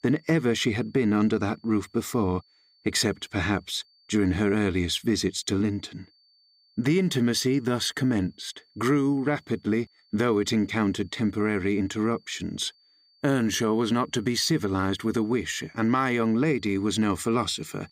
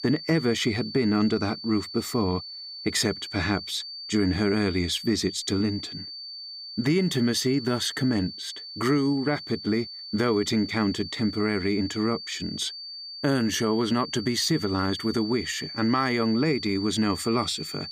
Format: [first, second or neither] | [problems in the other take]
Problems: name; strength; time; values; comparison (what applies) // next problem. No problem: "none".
first | high-pitched whine; loud; throughout; 4.5 kHz, 10 dB below the speech; faint in the first